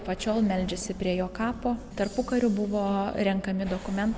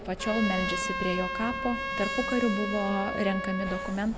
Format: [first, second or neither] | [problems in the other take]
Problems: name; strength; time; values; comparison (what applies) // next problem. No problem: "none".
first | background sound (Trumpet); 4 dB below the speech